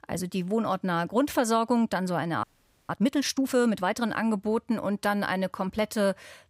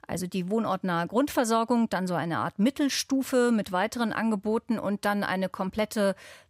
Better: second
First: audio freezing; at 2.5 s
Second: none

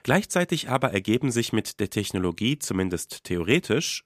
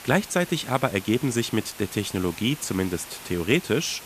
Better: first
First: none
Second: hiss; noticeable; throughout; 15 dB below the speech

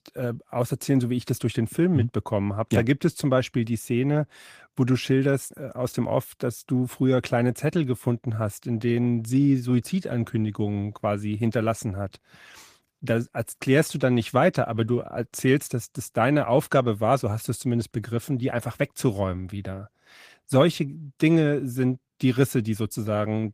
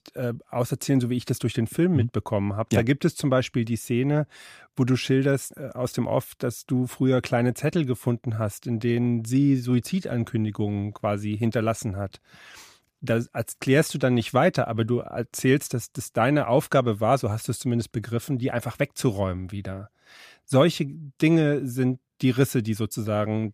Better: second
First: garbled, watery; slightly; nothing above 15 kHz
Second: none

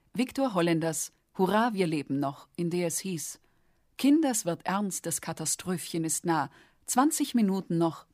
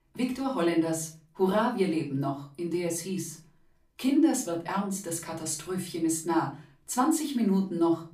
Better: first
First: none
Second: off-mic speech; far // room echo; slight; dies away in 0.3 s

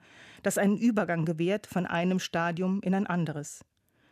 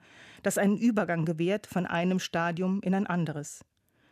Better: neither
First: none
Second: none

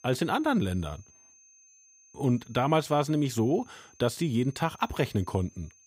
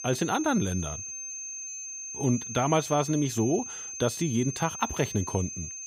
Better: first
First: high-pitched whine; faint; throughout; 6.5 kHz, 30 dB below the speech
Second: high-pitched whine; loud; throughout; 6.5 kHz, 7 dB below the speech

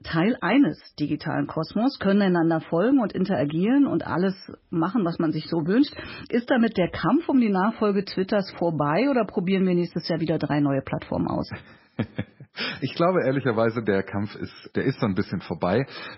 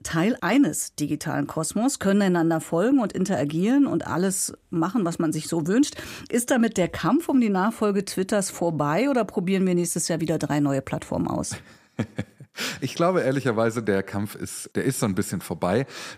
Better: second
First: garbled, watery; badly; nothing above 5.5 kHz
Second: none

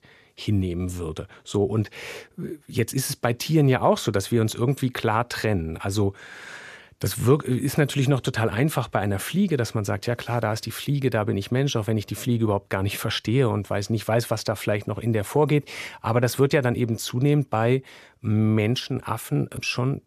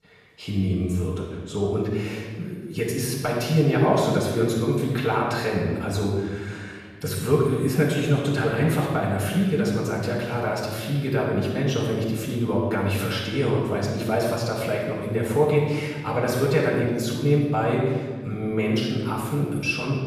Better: first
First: none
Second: off-mic speech; far // room echo; noticeable; dies away in 1.4 s

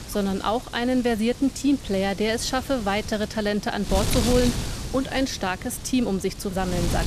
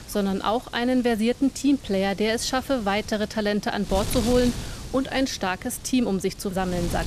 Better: second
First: wind noise on the microphone; heavy; 10 dB below the speech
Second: wind noise on the microphone; occasional gusts; 15 dB below the speech

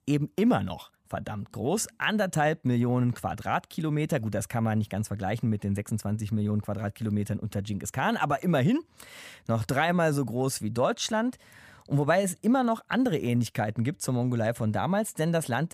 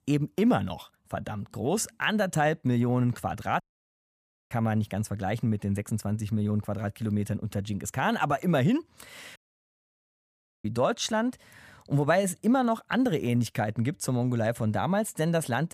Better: first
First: none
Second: audio cutting out; at 3.5 s for 1 s and at 9.5 s for 1.5 s

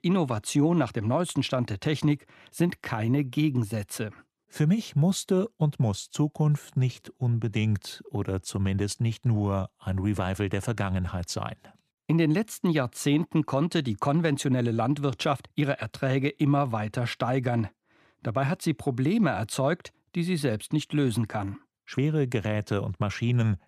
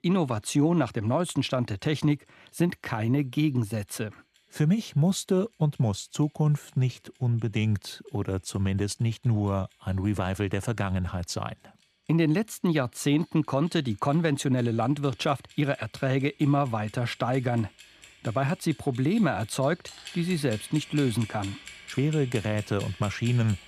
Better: first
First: none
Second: household noises; noticeable; throughout; 20 dB below the speech

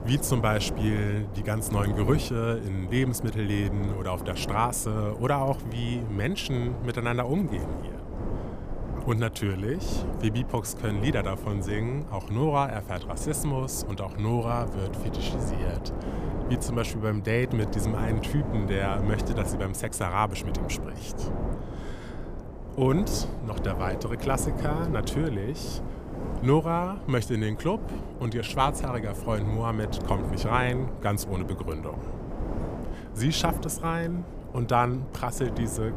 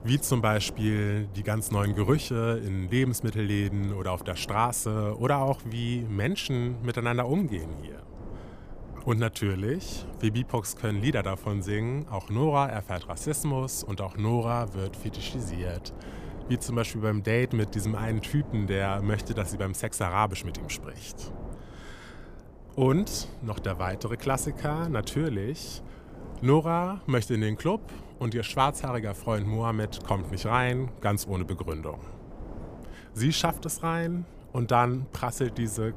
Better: second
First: wind noise on the microphone; heavy; 9 dB below the speech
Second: wind noise on the microphone; occasional gusts; 20 dB below the speech

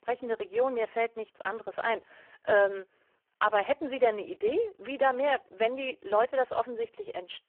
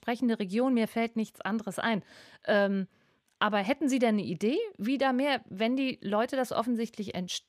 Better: second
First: phone-call audio; poor line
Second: none

